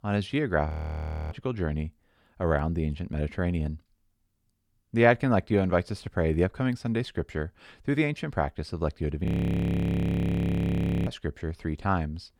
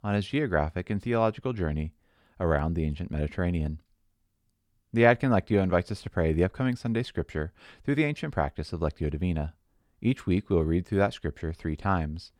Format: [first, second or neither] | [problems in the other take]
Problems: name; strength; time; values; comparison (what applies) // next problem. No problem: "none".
second | audio freezing; at 0.5 s for 0.5 s and at 9.5 s for 2 s